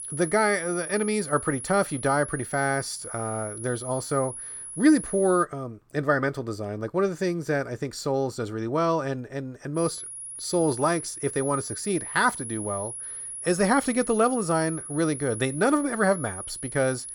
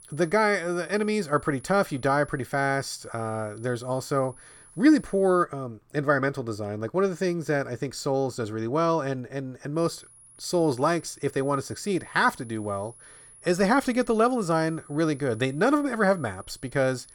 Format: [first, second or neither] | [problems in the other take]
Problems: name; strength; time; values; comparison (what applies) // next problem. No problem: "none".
second | high-pitched whine; loud; until 5.5 s and from 10 s on; 10.5 kHz, 8 dB below the speech; faint in the second